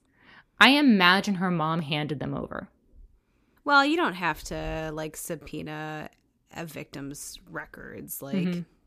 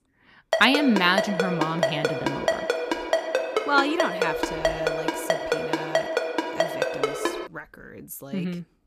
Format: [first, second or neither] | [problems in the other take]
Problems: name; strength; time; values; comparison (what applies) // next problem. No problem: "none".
first | phone ringing; loud; from 0.5 to 7.5 s; peak 1 dB above the speech